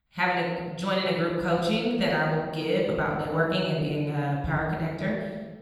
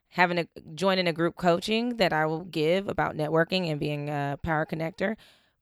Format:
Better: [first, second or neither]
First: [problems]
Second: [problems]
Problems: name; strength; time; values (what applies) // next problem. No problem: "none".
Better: second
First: off-mic speech; somewhat distant // room echo; noticeable; dies away in 1.2 s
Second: none